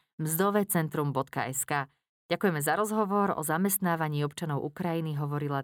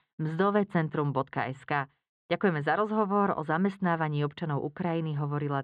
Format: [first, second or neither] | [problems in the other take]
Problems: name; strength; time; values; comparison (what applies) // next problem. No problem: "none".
first | muffled; very; fading above 3.5 kHz